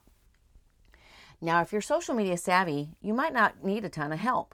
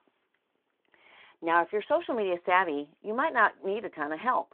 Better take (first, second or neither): first